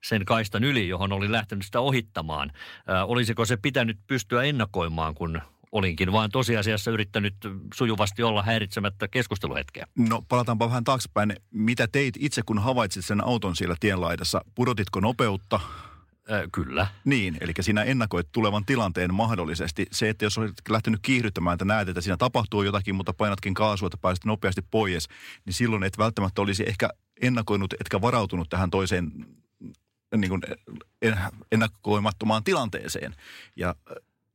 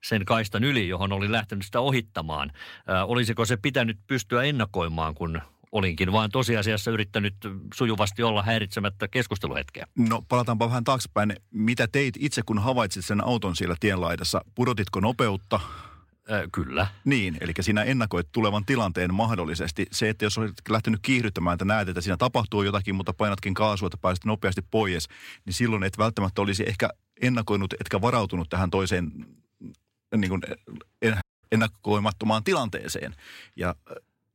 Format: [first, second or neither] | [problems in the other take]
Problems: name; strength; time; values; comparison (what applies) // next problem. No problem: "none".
first | audio cutting out; at 31 s